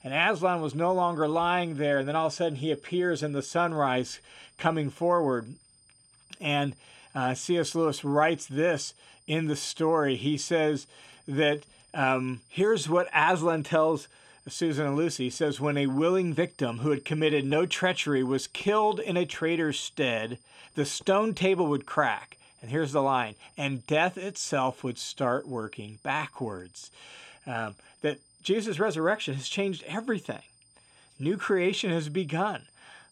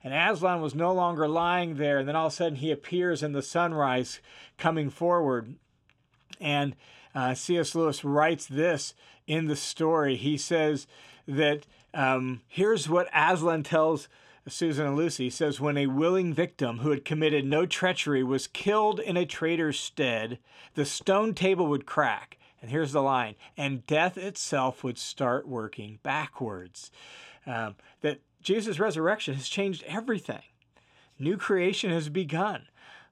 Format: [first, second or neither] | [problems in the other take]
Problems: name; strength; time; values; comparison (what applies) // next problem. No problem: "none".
second | high-pitched whine; faint; throughout; 9 kHz, 30 dB below the speech